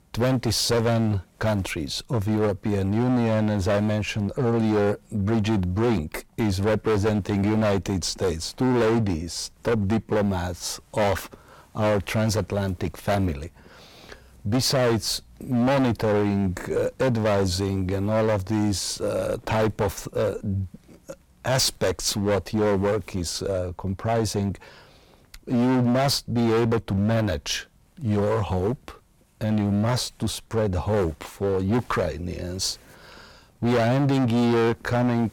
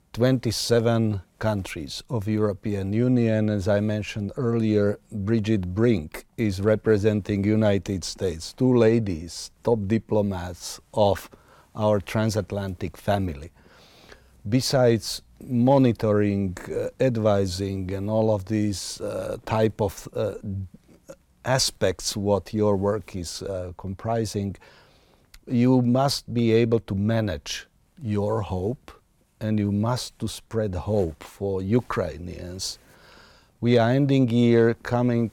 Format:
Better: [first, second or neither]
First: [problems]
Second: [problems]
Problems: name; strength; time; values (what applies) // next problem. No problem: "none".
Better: second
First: distortion; heavy; 16% of the sound clipped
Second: none